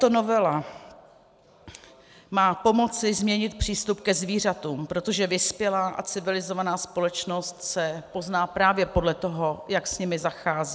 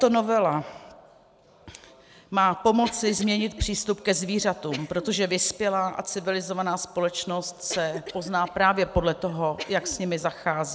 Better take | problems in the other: first | background sound (Cough); 17 dB below the speech

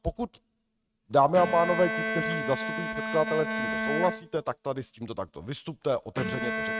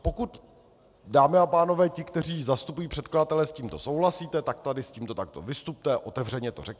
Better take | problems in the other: second | noise reduction (neural mask model RNNoise)

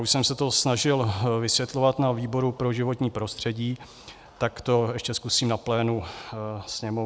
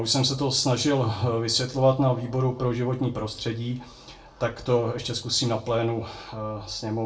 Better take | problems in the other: first | room echo; dies away in 0.2 s

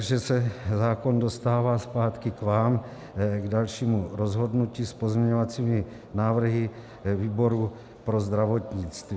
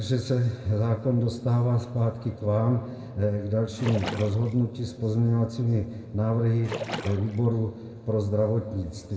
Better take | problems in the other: first | background sound (Splash, splatter); 10 dB below the speech // room echo; dies away in 1.4 s

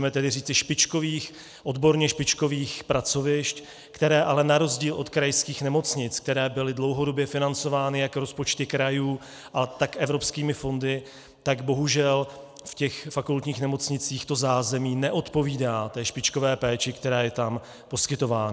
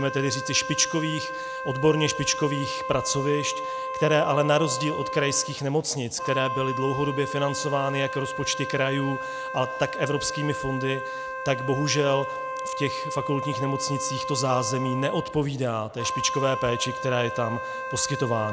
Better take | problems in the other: first | background sound (Wind instrument, woodwind instrument); 5 dB below the speech

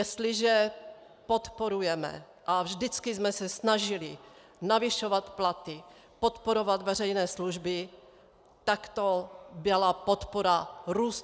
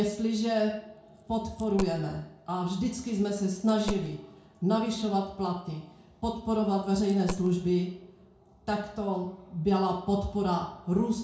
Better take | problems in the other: first | background sound (Coin (dropping)); 14 dB below the speech // room echo; dies away in 0.6 s

